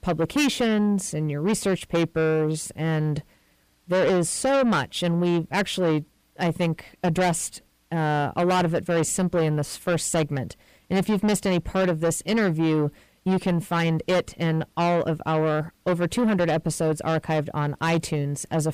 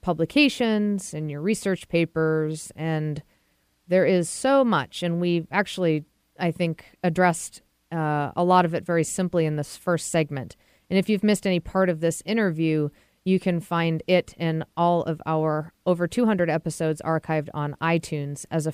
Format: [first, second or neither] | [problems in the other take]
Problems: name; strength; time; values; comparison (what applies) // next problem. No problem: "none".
second | distortion; heavy; 7 dB below the speech